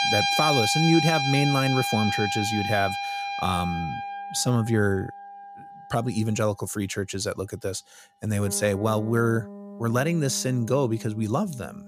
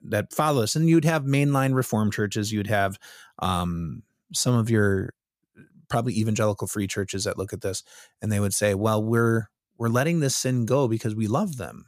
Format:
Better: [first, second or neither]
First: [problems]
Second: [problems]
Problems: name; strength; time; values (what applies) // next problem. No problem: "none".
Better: second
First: background music; loud; throughout; 1 dB below the speech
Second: none